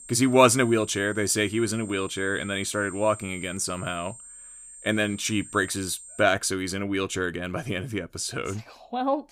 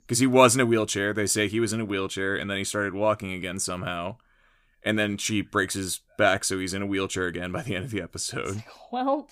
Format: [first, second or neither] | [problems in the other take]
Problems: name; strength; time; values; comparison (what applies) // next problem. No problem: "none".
second | high-pitched whine; noticeable; until 6 s; 8.5 kHz, 15 dB below the speech